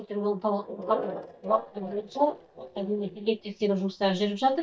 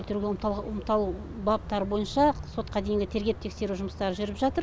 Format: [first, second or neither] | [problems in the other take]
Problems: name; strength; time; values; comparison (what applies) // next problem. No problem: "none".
second | noise reduction (neural mask model DeepFilterNet 3)